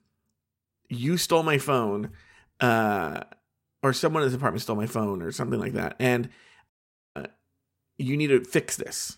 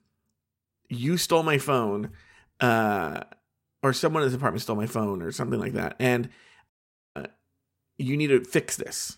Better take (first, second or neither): neither